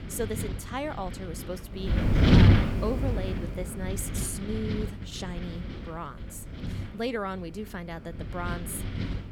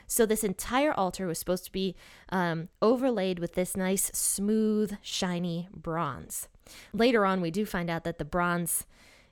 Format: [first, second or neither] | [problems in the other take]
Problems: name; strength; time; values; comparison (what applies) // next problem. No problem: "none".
second | wind noise on the microphone; heavy; 1 dB above the speech